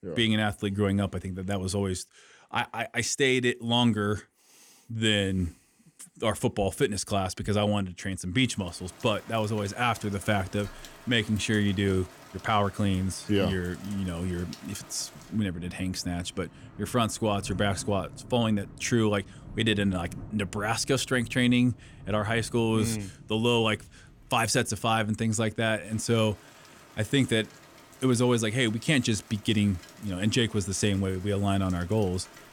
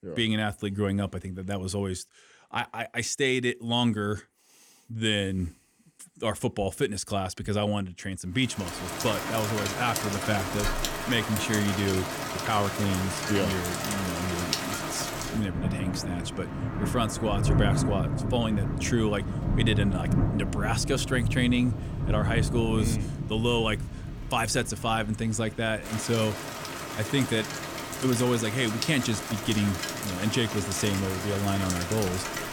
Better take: first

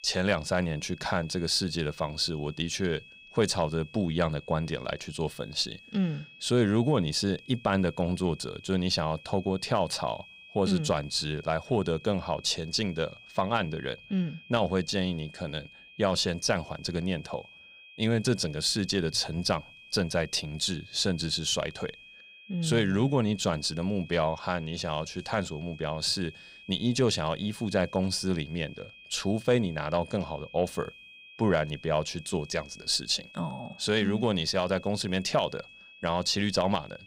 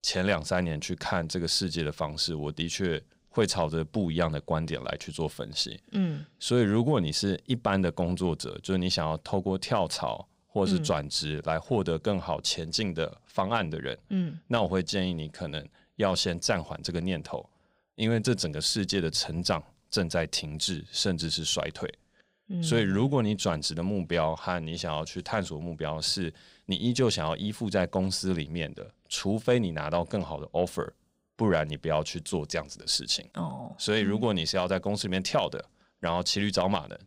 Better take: second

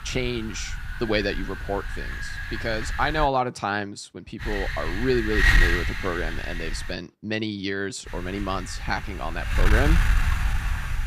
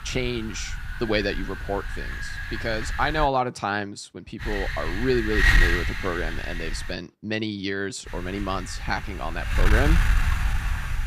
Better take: neither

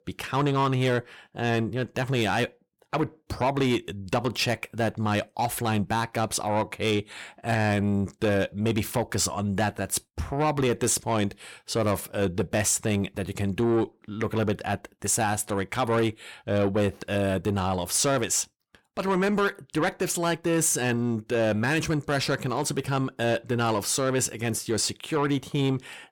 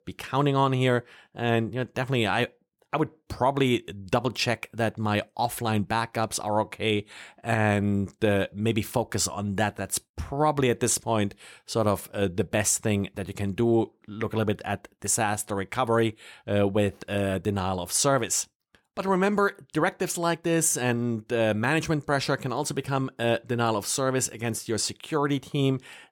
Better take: second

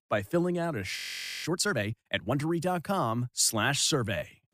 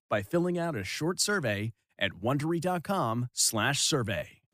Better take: second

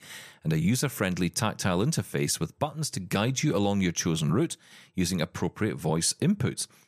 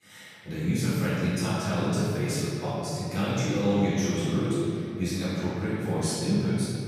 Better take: first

